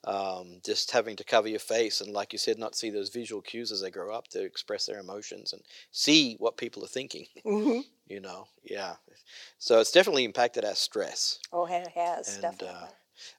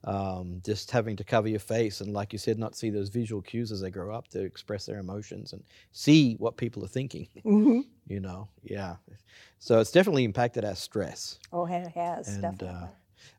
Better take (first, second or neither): second